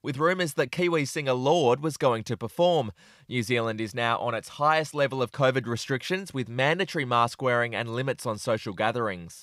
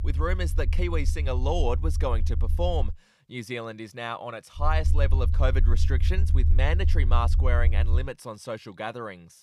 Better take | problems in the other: first | low rumble; noticeable; until 3 s and from 4.5 to 8 s; 10 dB below the speech

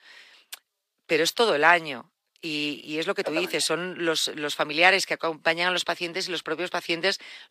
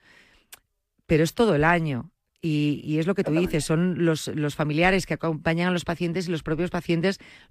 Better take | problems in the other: second | thin; very; fading below 550 Hz

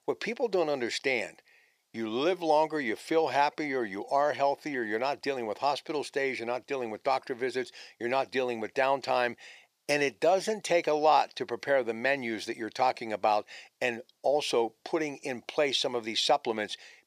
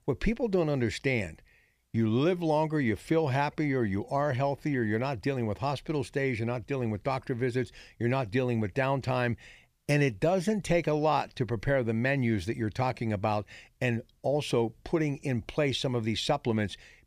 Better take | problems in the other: second | thin; somewhat; fading below 450 Hz

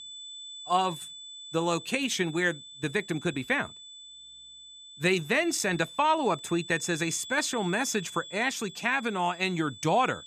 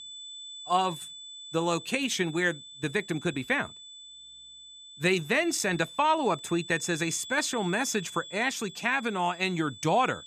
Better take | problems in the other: neither | high-pitched whine; noticeable; throughout; 3.5 kHz, 15 dB below the speech; the same in both

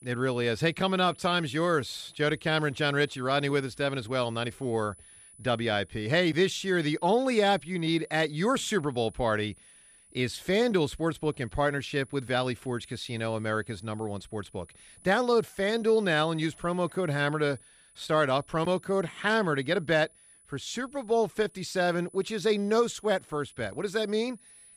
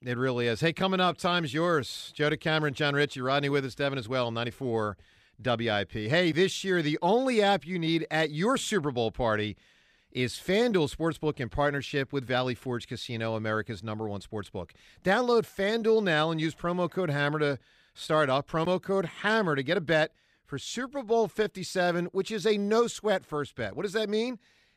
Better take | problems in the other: second | high-pitched whine; faint; throughout; 10 kHz, 25 dB below the speech

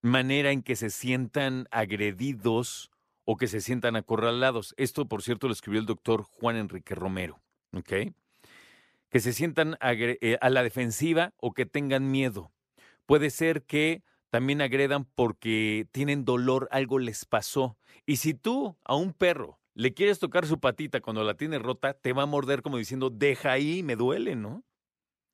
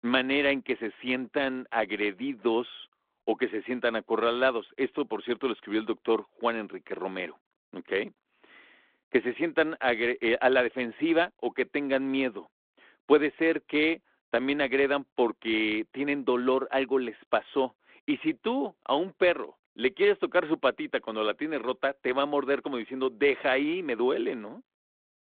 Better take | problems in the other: first | phone-call audio

